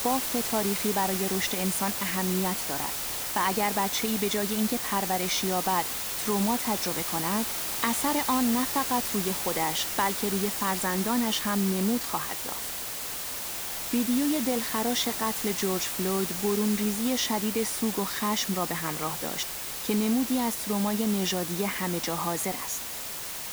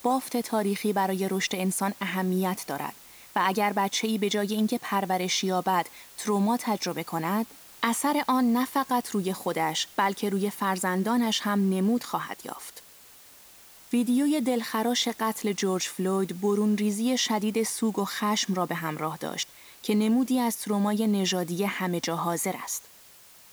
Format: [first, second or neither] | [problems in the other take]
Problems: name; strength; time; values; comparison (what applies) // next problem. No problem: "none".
second | hiss; loud; throughout; 1 dB below the speech; faint in the second